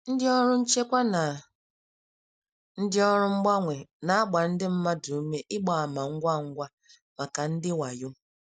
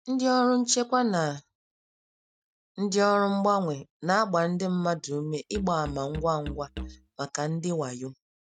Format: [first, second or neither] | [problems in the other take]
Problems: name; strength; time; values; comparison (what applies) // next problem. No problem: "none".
first | noise reduction (neural mask model RNNoise)